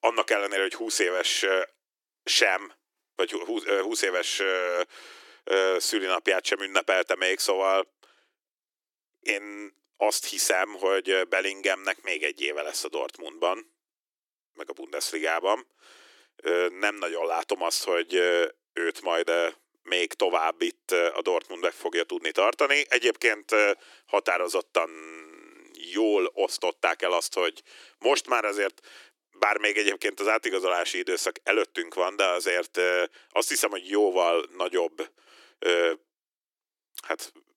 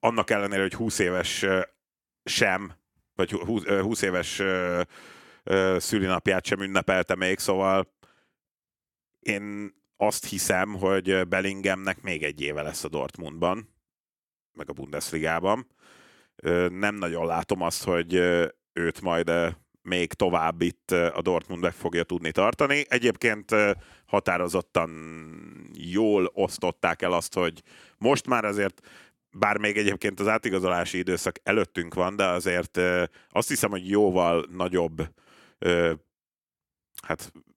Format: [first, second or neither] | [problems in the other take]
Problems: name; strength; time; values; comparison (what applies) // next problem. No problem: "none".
second | thin; very; fading below 300 Hz